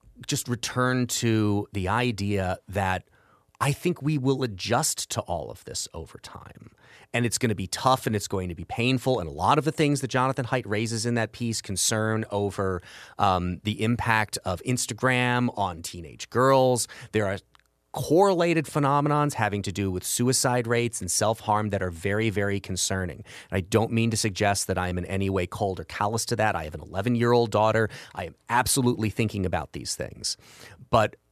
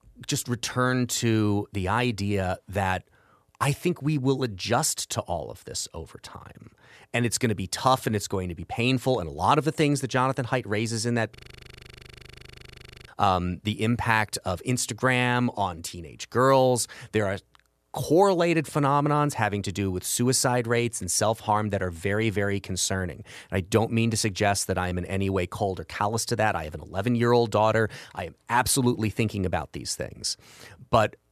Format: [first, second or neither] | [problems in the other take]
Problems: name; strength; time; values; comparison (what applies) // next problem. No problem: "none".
first | audio freezing; at 11 s for 1.5 s